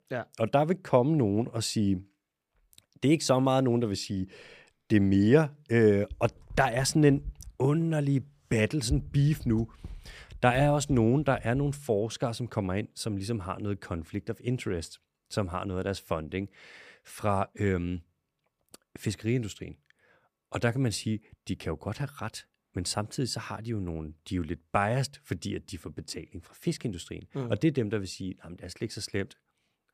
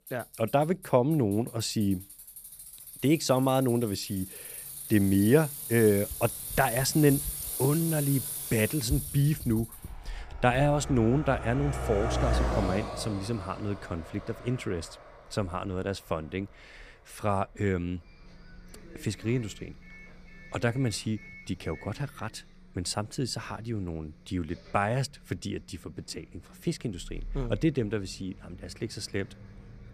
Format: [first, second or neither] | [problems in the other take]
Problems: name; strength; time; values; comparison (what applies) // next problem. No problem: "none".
first | traffic noise; loud; throughout; 8 dB below the speech